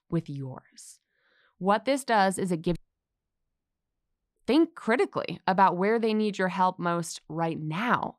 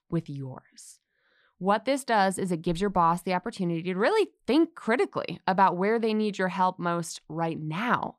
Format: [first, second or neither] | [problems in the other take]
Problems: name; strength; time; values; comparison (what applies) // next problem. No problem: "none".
second | audio cutting out; at 3 s for 1.5 s